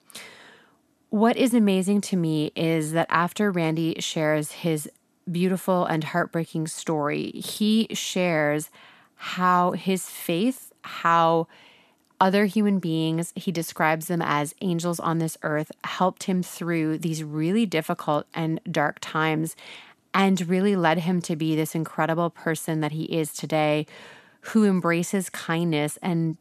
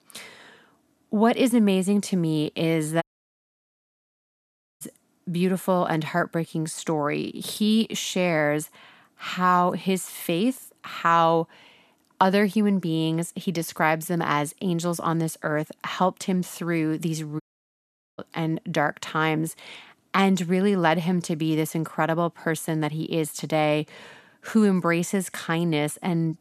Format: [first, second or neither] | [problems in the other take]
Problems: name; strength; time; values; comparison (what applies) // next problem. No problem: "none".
first | audio cutting out; at 3 s for 2 s and at 17 s for 1 s